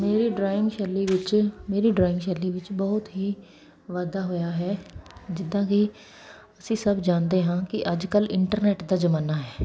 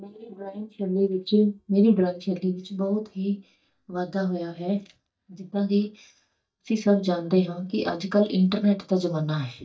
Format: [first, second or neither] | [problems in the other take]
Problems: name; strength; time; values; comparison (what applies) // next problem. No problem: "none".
first | noise reduction (neural mask model DeepFilterNet 3)